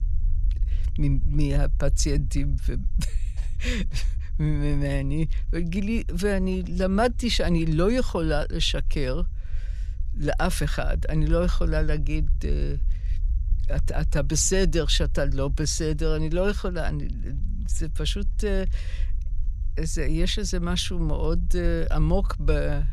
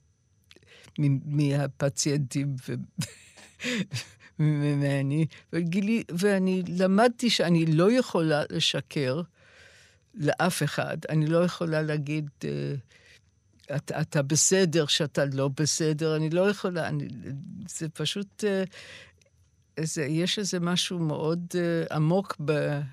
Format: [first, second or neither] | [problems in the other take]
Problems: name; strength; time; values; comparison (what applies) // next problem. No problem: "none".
second | low rumble; faint; throughout; 25 dB below the speech